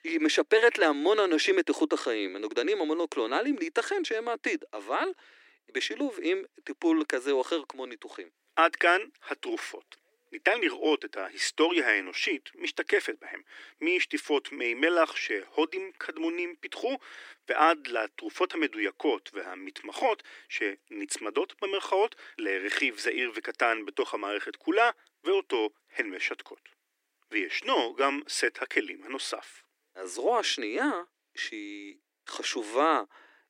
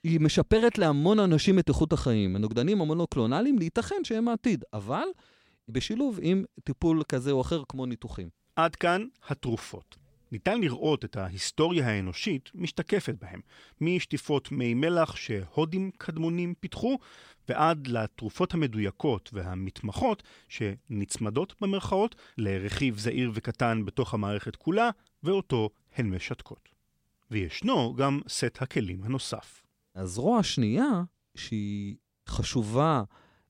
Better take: second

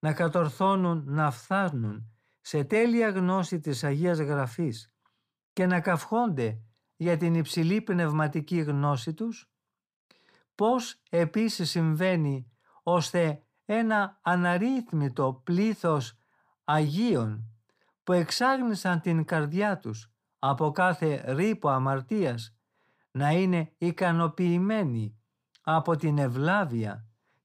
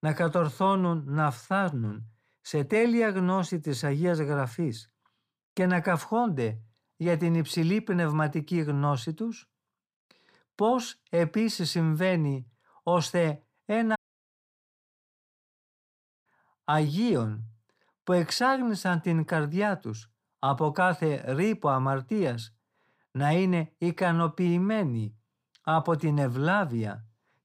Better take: first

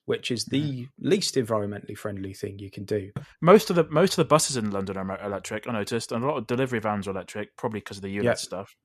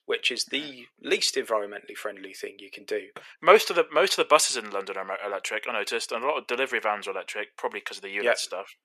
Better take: first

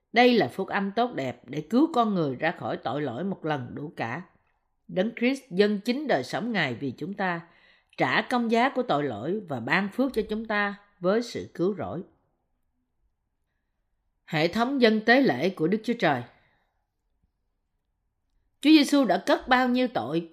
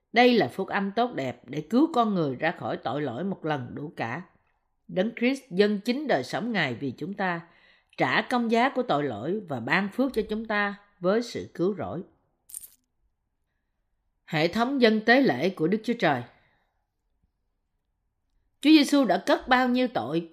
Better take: first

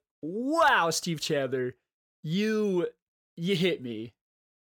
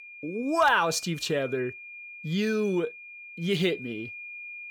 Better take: first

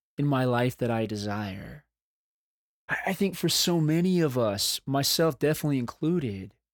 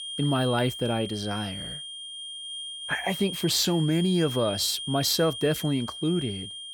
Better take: first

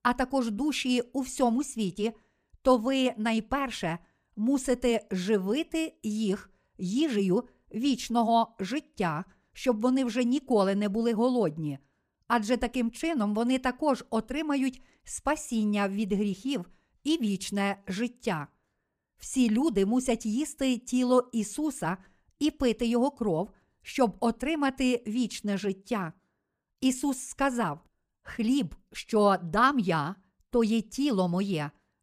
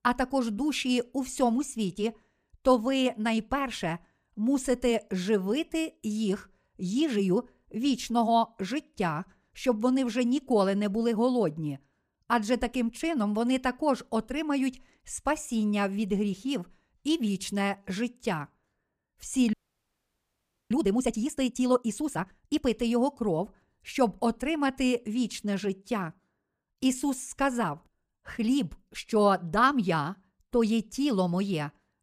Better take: first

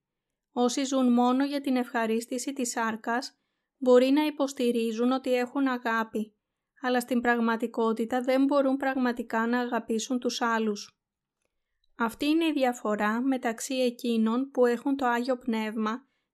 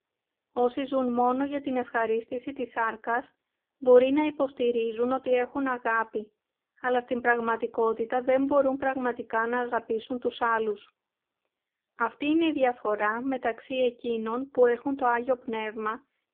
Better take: first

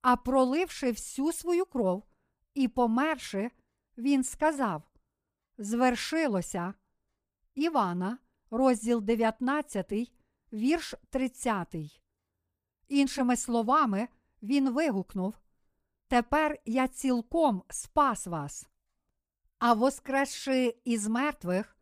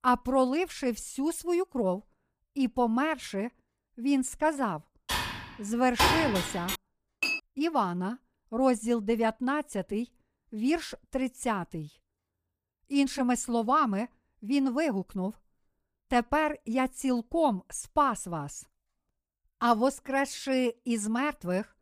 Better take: first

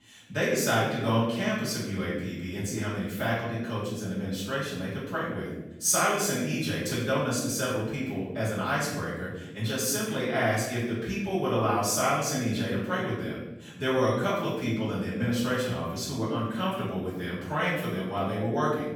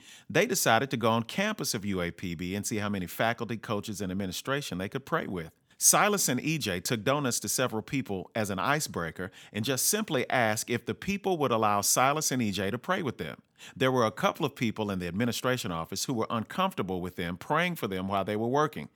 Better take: second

